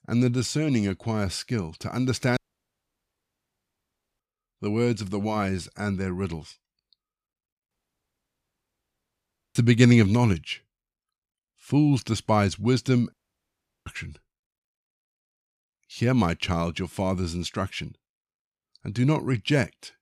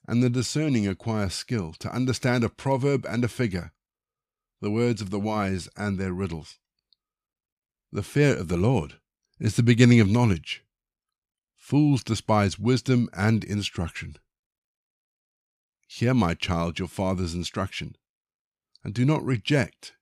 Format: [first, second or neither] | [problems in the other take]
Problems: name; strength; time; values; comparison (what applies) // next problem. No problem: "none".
second | audio cutting out; at 2.5 s for 2 s, at 7.5 s for 2 s and at 13 s for 0.5 s